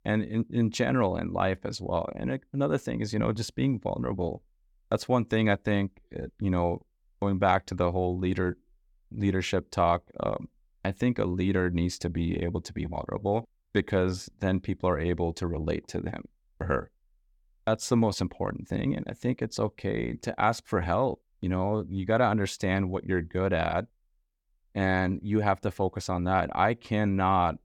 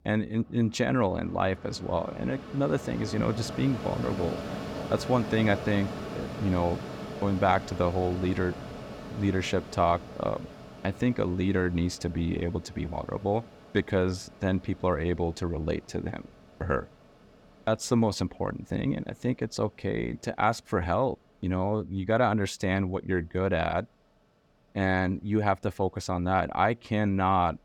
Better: first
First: none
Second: machinery noise; noticeable; throughout; 10 dB below the speech

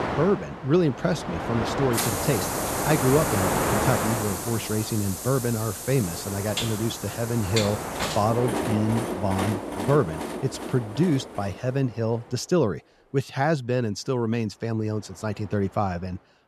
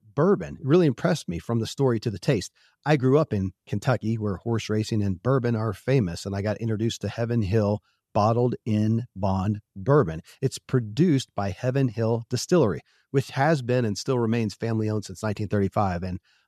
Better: second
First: train or aircraft noise; loud; throughout; 2 dB below the speech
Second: none

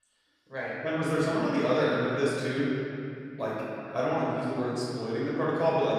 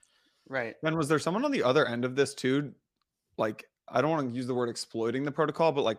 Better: second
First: room echo; strong; dies away in 2.6 s // off-mic speech; far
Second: none

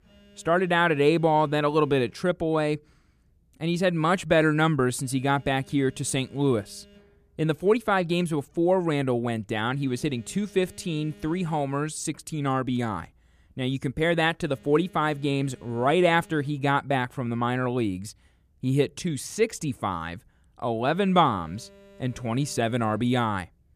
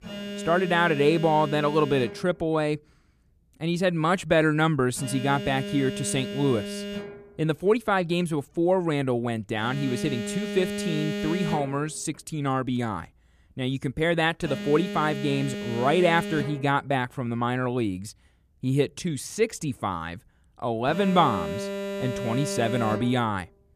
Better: first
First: alarms or sirens; faint; throughout; 30 dB below the speech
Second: alarms or sirens; loud; throughout; 7 dB below the speech

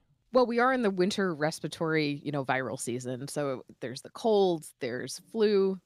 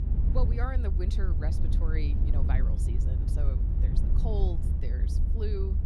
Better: first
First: none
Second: low rumble; loud; throughout; 3 dB below the speech

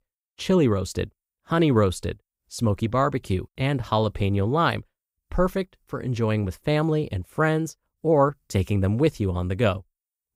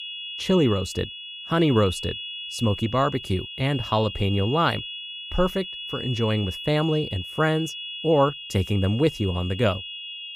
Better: first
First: none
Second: high-pitched whine; loud; throughout; 3 kHz, 9 dB below the speech

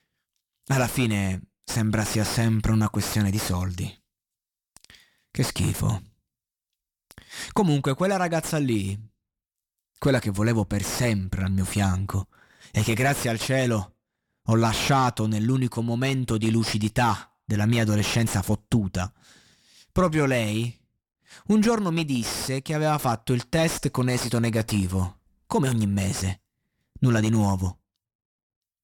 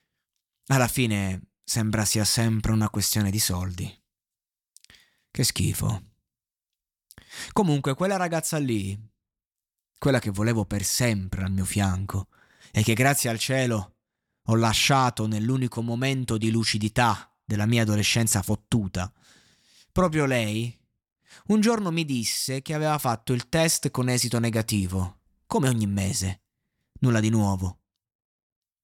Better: second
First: distortion; slight; 9 dB below the speech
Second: none

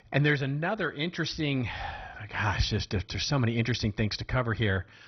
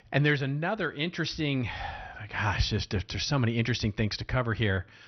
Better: second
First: garbled, watery; badly; nothing above 6 kHz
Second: garbled, watery; slightly; nothing above 6 kHz

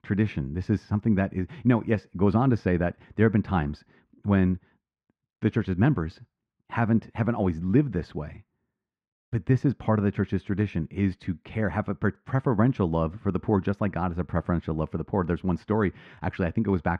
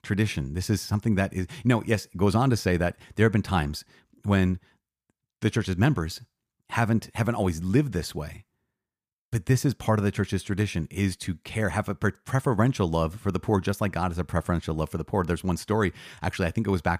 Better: second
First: muffled; very; fading above 2 kHz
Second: none

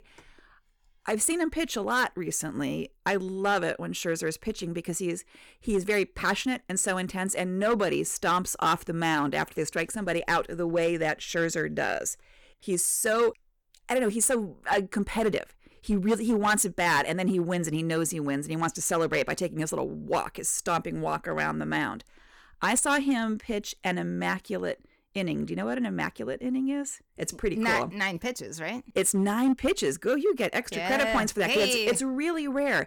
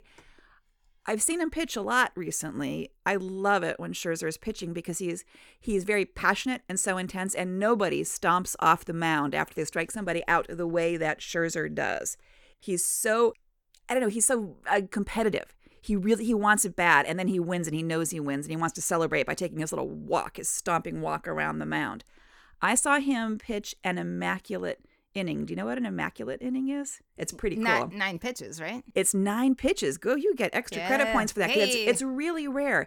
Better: second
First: distortion; slight; 3% of the sound clipped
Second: none

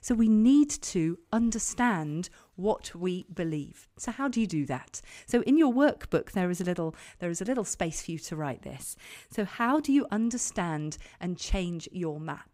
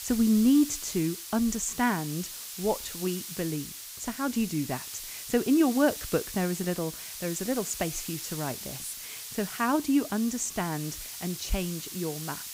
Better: first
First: none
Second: hiss; loud; throughout; 8 dB below the speech

